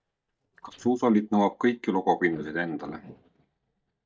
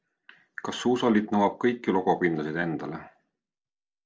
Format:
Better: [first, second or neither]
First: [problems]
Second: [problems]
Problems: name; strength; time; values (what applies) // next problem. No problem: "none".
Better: second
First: noise reduction (neural mask model DeepFilterNet 3)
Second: none